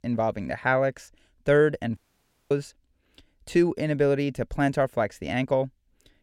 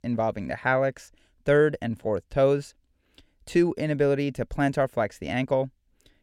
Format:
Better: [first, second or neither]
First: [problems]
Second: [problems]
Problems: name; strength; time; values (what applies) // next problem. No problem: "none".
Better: second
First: audio cutting out; at 2 s for 0.5 s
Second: none